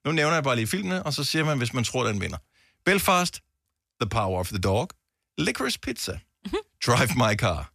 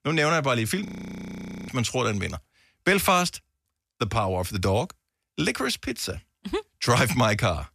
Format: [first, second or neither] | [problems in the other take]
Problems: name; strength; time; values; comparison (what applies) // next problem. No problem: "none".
first | audio freezing; at 1 s for 1 s